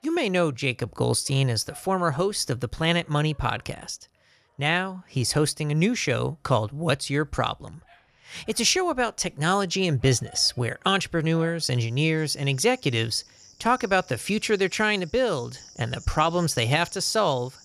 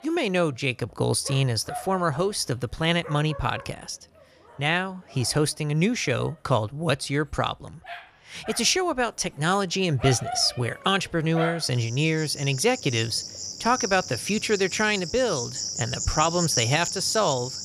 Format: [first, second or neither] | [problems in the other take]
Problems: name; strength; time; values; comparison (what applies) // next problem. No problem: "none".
first | animal sounds; loud; throughout; 7 dB below the speech; faint in the first